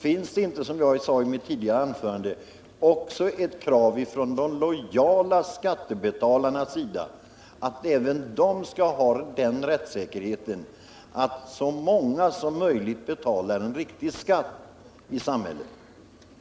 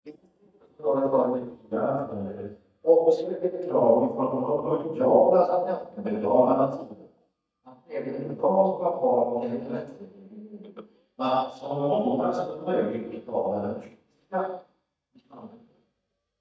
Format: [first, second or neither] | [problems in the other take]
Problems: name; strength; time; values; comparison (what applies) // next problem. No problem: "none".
first | noise reduction (neural mask model DeepFilterNet 3)